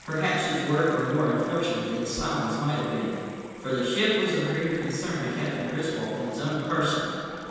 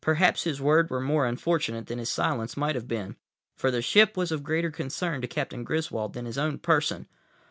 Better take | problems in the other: second | background sound (Sink (filling or washing) / Water tap, faucet); 20 dB below the speech // room echo; dies away in 2.1 s

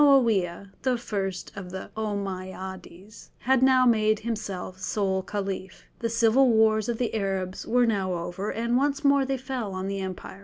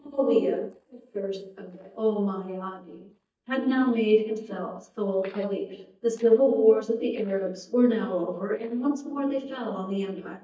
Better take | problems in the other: first | noise reduction (neural mask model DeepFilterNet 3)

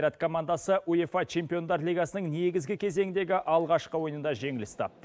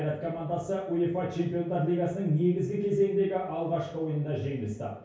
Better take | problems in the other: first | room echo; dies away in 0.6 s

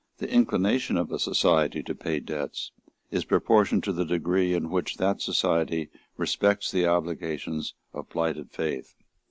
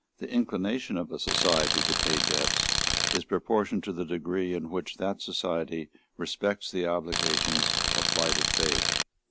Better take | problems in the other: first | background sound (Tools); 4 dB above the speech

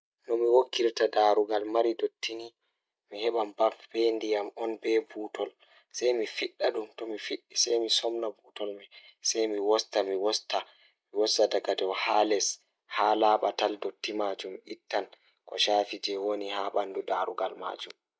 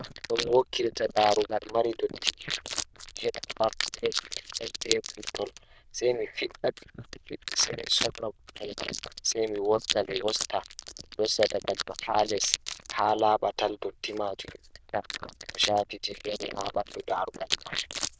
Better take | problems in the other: first | noise reduction (neural diffusion model UNIVERSE++)

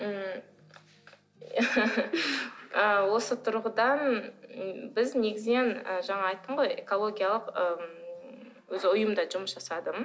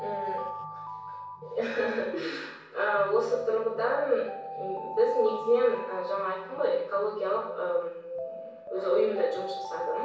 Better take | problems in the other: first | background sound (Alarm); 10 dB below the speech // room echo; dies away in 0.6 s

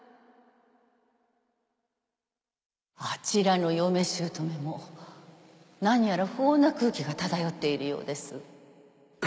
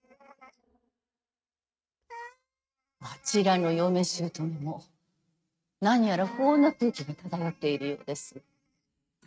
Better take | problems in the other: first | noise reduction (neural mask model RNNoise)

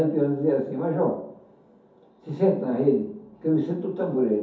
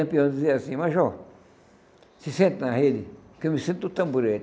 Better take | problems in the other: second | room echo; dies away in 0.5 s

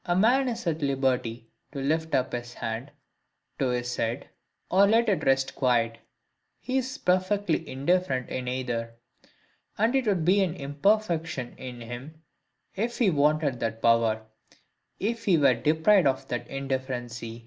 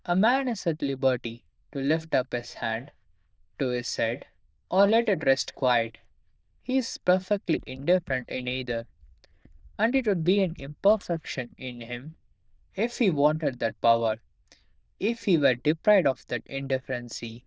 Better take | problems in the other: first | noise reduction (neural diffusion model UNIVERSE++)

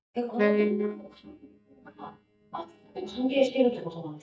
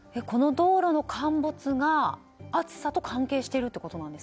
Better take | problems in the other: second | noise reduction (neural mask model DeepFilterNet 3)

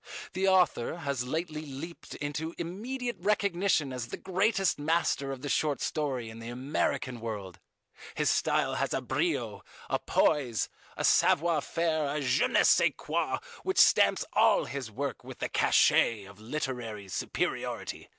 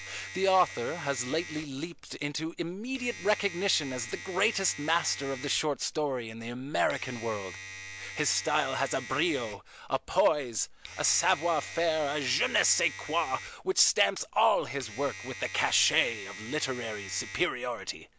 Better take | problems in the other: first | background sound (Domestic sounds, home sounds); 14 dB below the speech

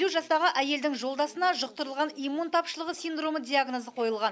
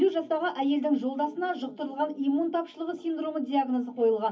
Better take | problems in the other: first | room echo; dies away in 0.3 s

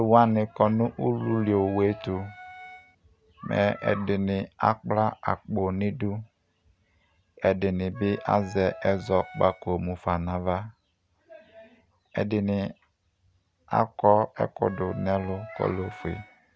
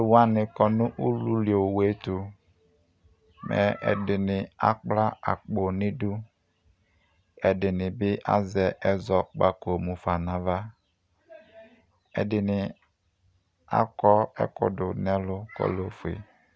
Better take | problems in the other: second | background sound (Wind instrument, woodwind instrument); 17 dB below the speech

